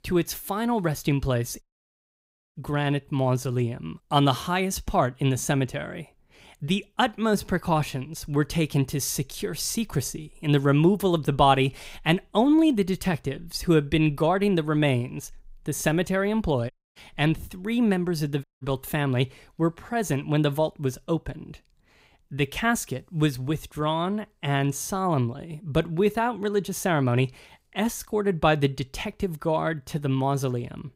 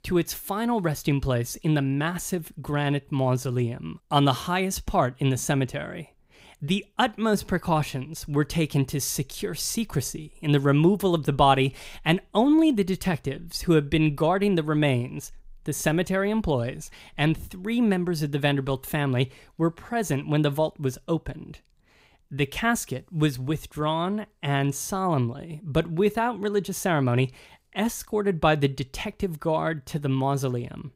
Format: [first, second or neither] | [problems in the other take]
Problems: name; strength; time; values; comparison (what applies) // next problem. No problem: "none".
second | audio cutting out; at 1.5 s for 1 s, at 17 s and at 18 s